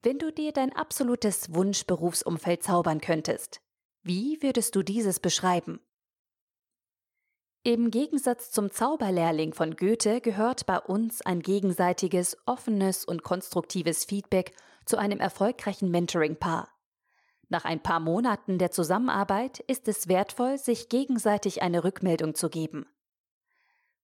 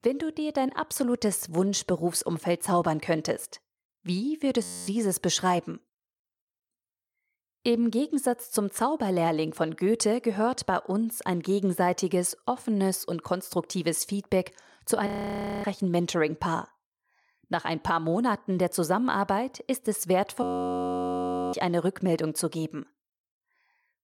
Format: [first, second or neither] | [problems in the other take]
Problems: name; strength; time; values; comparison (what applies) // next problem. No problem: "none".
first | audio freezing; at 4.5 s, at 15 s for 0.5 s and at 20 s for 1 s